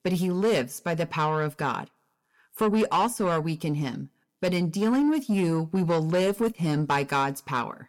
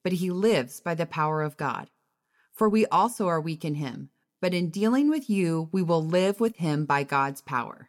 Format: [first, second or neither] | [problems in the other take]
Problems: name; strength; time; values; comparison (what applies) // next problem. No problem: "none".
second | distortion; slight; 10 dB below the speech